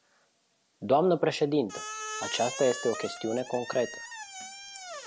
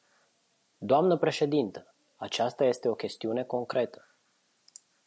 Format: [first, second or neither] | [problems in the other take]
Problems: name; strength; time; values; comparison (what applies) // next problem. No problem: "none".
second | background sound (Squeak); 11 dB below the speech